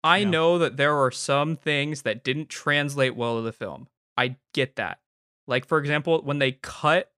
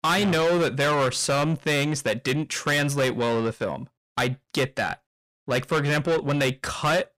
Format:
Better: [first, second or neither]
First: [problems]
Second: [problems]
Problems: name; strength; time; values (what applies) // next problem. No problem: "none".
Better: first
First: none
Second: distortion; heavy; 6 dB below the speech